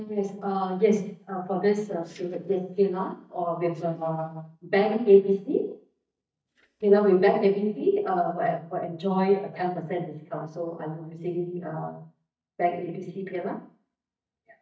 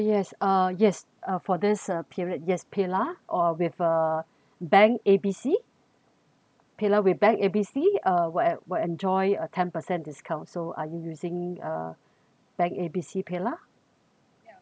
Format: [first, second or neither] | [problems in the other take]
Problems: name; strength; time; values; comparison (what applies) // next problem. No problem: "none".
second | noise reduction (neural mask model DeepFilterNet 3)